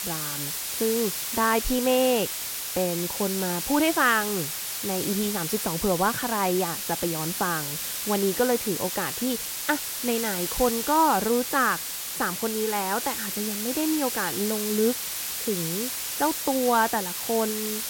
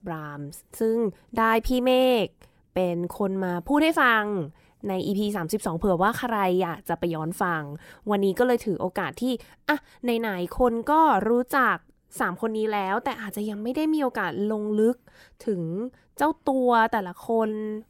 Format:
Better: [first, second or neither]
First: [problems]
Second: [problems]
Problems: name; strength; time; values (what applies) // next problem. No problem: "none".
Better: second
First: hiss; loud; throughout; 2 dB below the speech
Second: none